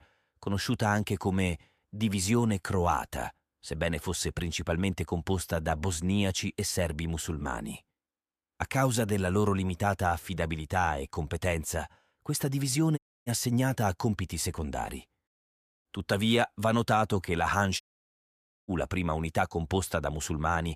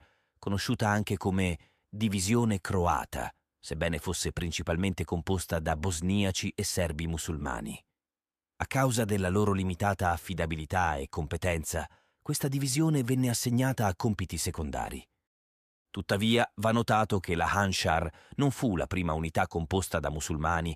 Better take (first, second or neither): second